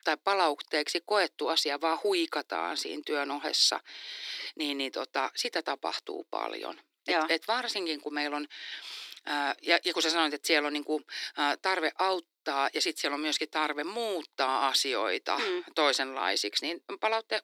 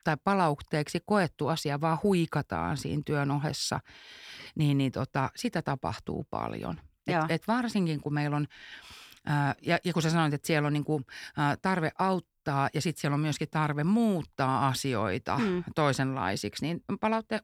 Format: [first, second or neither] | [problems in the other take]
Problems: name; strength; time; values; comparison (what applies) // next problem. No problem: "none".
second | thin; very; fading below 300 Hz